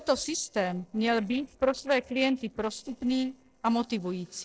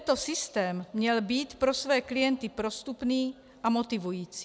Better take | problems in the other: second | noise reduction (neural separator model SepFormer DNS4)

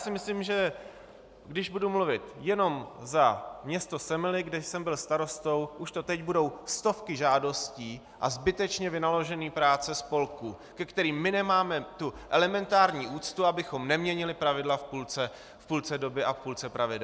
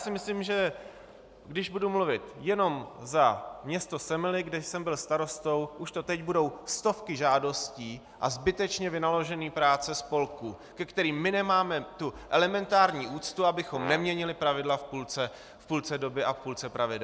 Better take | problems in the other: first | background sound (Brass instrument); 9 dB below the speech

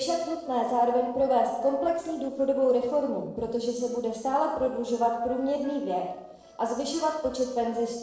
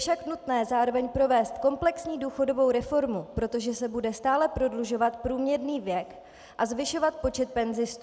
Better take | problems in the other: second | noise reduction (neural separator model SepFormer DNS4)

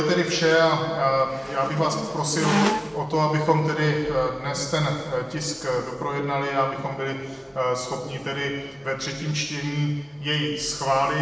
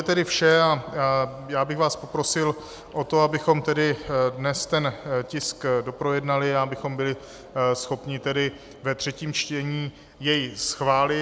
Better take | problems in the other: second | background sound (Squeak); 3 dB below the speech // room echo; dies away in 1.2 s

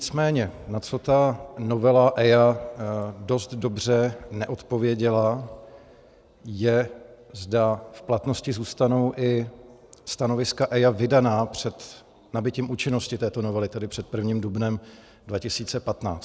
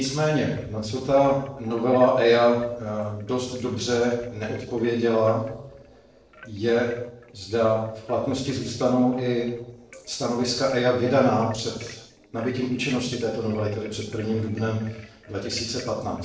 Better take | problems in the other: first | noise reduction (neural separator model SepFormer DNS4)

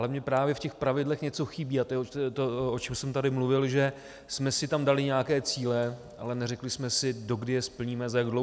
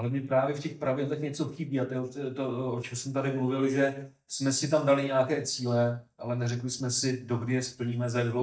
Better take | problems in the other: first | noise reduction (neural mask model DeepFilterNet 3)

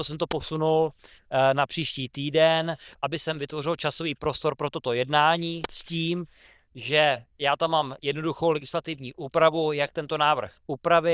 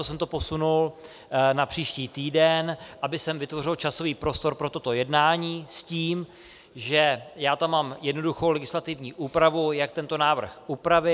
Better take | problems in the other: second | noise reduction (neural diffusion model UNIVERSE++)

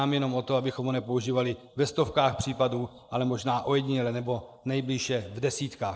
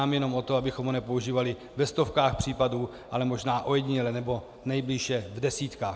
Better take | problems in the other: second | noise reduction (neural mask model Resemble Enhance denoiser)

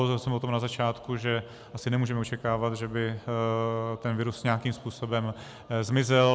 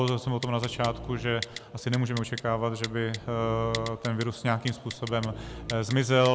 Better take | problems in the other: first | background sound (Typing + Dog); 13 dB below the speech

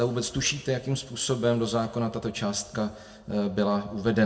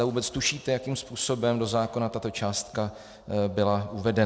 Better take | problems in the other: second | room echo; dies away in 0.5 s

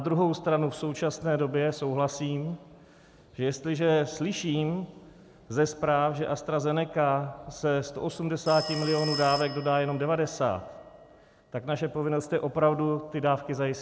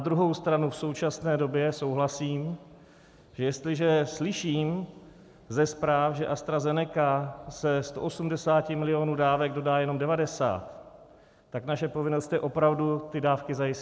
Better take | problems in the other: second | background sound (Telephone); 13 dB below the speech

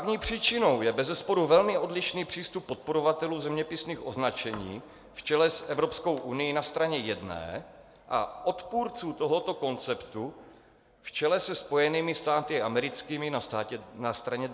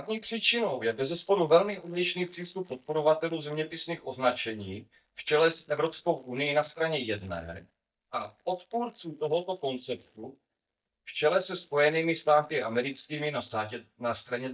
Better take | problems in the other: first | noise reduction (neural mask model DeepFilterNet 3)

